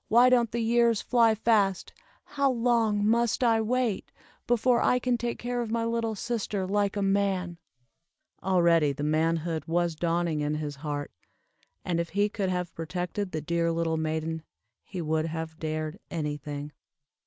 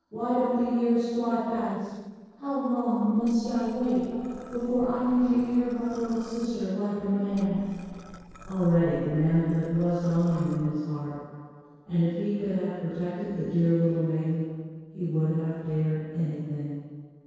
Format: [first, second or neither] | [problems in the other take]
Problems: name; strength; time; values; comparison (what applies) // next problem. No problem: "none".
first | noise reduction (neural separator model SepFormer DNS4)